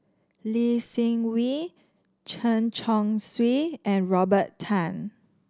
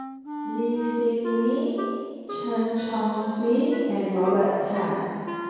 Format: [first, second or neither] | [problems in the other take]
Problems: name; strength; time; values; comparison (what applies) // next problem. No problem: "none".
first | background sound (Wind instrument, woodwind instrument); 9 dB below the speech // room echo; dies away in 2.2 s